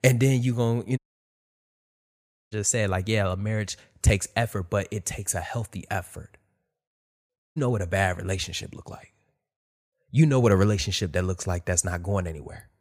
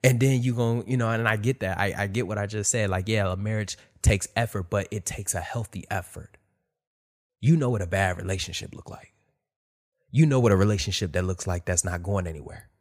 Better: second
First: audio cutting out; at 1 s for 1.5 s and at 7.5 s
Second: none

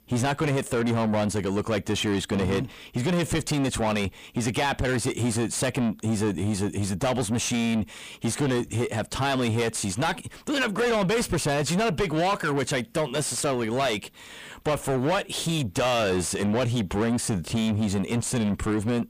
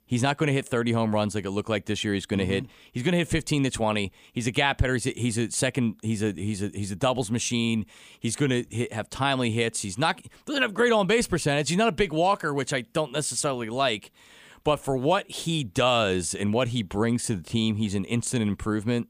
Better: second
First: distortion; heavy; 6 dB below the speech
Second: none

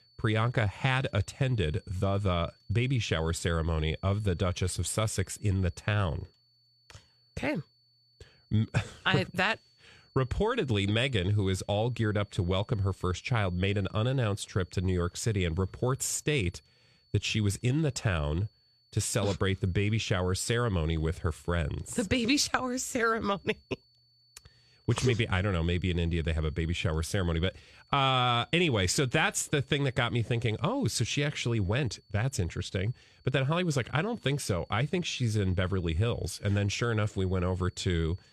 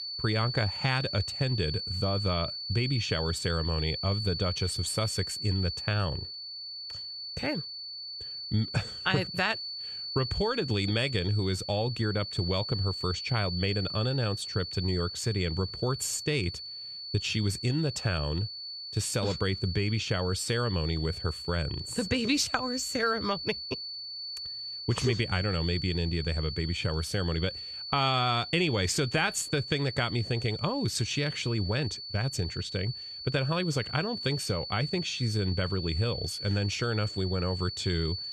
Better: first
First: high-pitched whine; faint; throughout; 4.5 kHz, 35 dB below the speech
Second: high-pitched whine; loud; throughout; 4.5 kHz, 6 dB below the speech

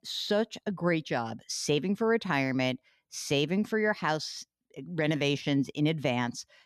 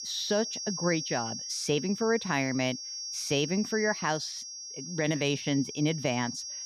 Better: first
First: none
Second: high-pitched whine; loud; throughout; 5.5 kHz, 6 dB below the speech

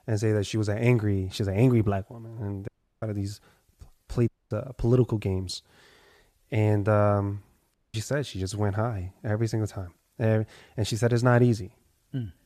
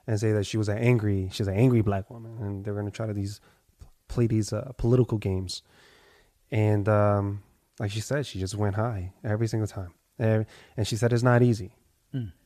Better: second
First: audio cutting out; at 2.5 s, at 4.5 s and at 7.5 s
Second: none

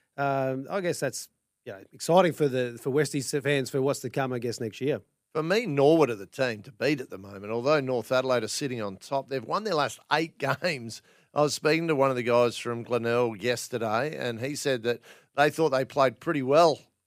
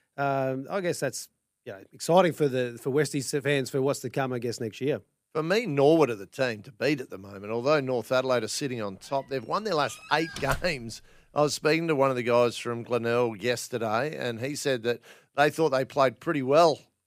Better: first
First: none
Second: door banging; faint; at 10 s; peak 10 dB below the speech

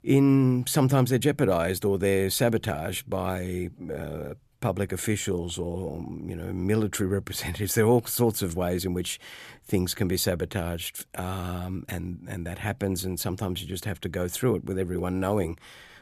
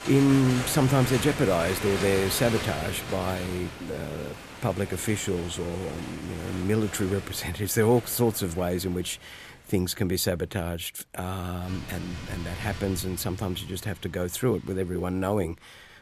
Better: first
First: none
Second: animal sounds; loud; throughout; 9 dB below the speech

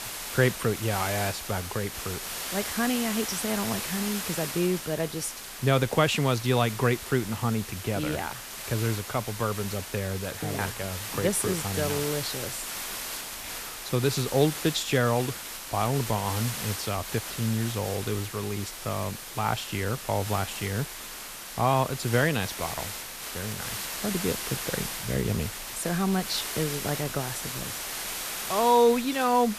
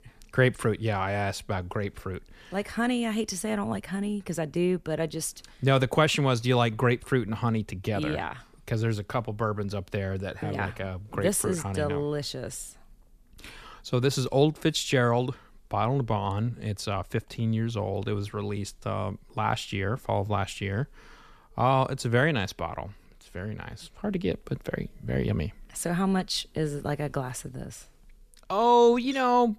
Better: second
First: hiss; loud; throughout; 6 dB below the speech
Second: none

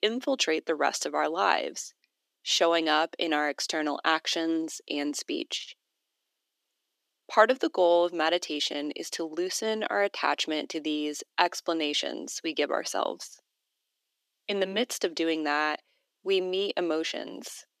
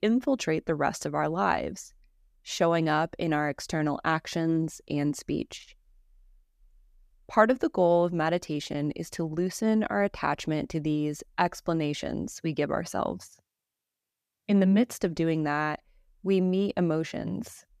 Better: second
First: thin; somewhat; fading below 300 Hz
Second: none

